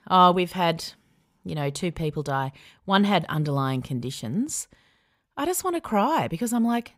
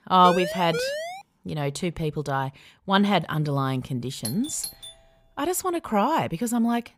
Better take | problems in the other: first | siren; noticeable; at the start; peak 4 dB below the speech // doorbell; noticeable; at 4 s; peak 10 dB below the speech

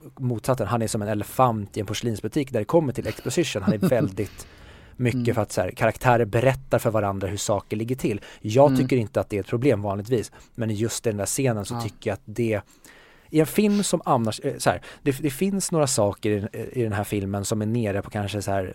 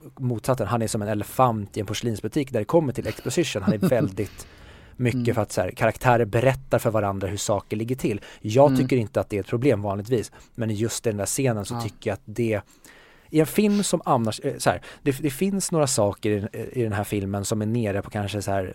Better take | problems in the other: neither | none

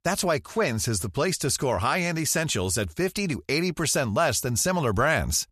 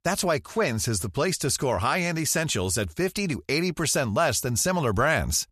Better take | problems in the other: neither | none

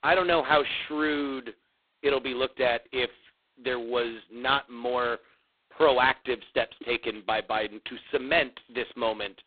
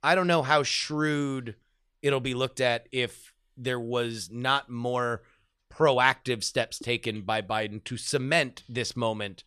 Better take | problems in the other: second | phone-call audio; poor line; nothing above 4 kHz

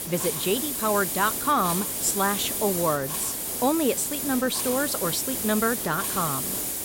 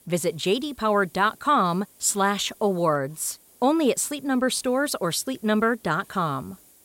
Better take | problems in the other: second | hiss; loud; throughout; 1 dB below the speech; faint in the second

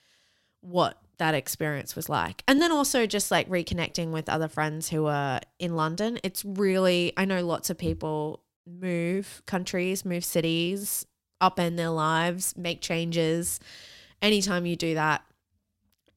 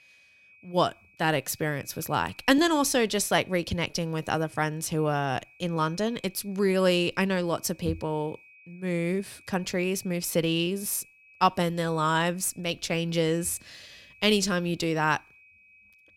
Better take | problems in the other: first | high-pitched whine; faint; throughout; 2.5 kHz, 25 dB below the speech

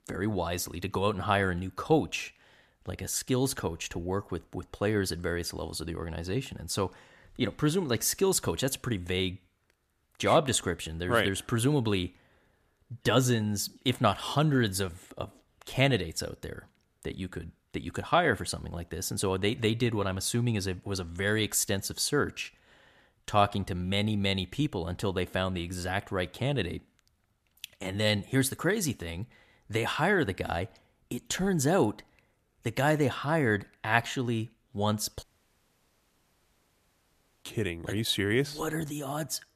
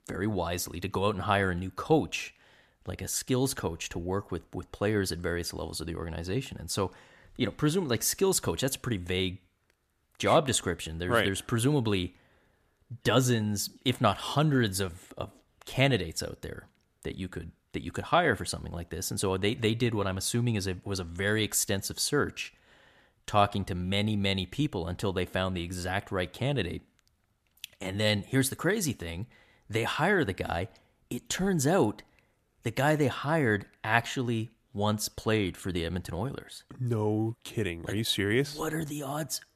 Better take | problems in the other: second | audio cutting out; at 35 s for 2 s

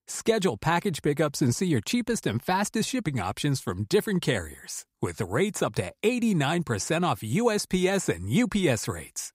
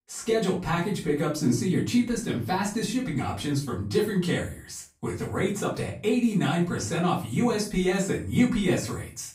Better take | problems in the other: first | room echo; slight; dies away in 0.3 s // off-mic speech; far

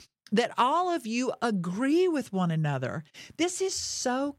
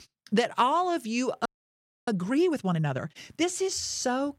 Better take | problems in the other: first | audio freezing; at 1.5 s for 0.5 s

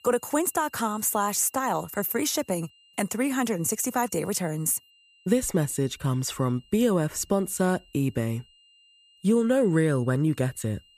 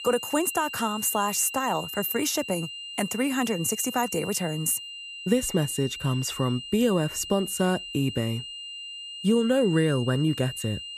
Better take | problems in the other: first | high-pitched whine; loud; throughout; 3 kHz, 9 dB below the speech; faint in the first

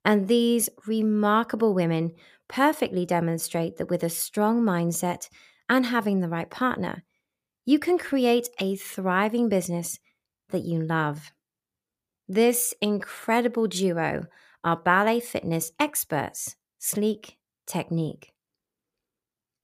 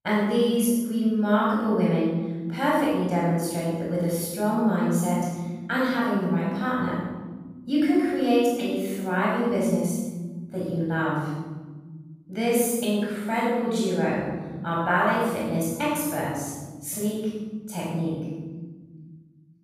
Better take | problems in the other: first | room echo; strong; dies away in 1.8 s // off-mic speech; far

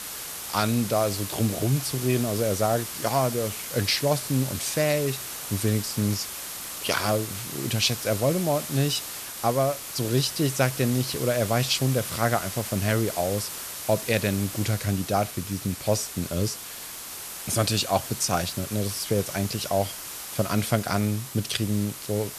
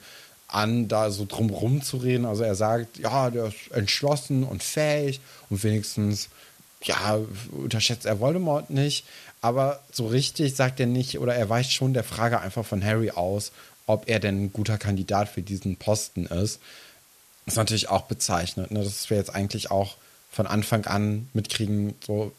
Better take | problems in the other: second | hiss; loud; throughout; 7 dB below the speech; faint in the second

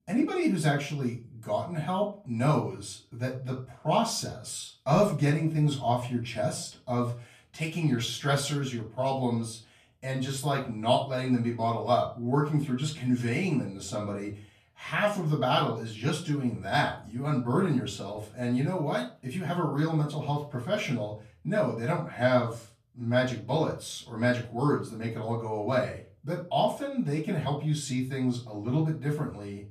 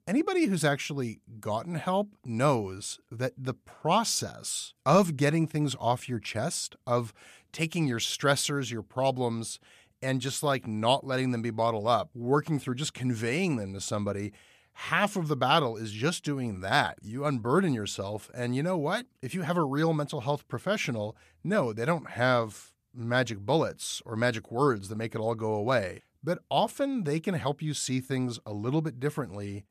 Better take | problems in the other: second | off-mic speech; far // room echo; slight; dies away in 0.3 s

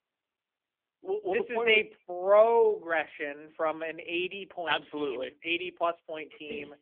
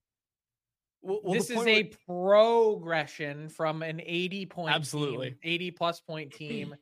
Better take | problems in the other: second | phone-call audio; nothing above 3.5 kHz

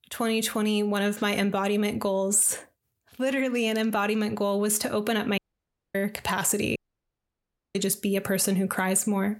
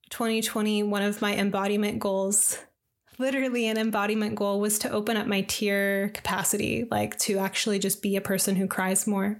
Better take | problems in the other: second | audio cutting out; at 5.5 s for 0.5 s and at 7 s for 1 s

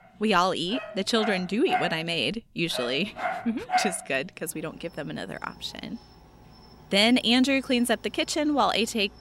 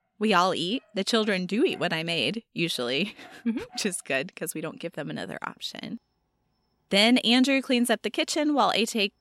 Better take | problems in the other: second | animal sounds; loud; throughout; 7 dB below the speech; faint in the second

